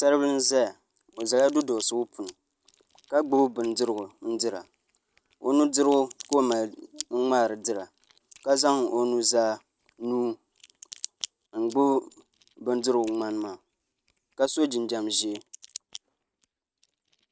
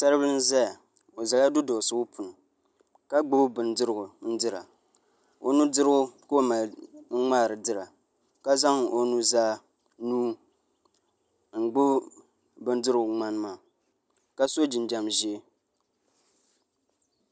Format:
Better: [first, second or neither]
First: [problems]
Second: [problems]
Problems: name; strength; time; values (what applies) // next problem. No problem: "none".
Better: second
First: noise reduction (neural mask model RNNoise)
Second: none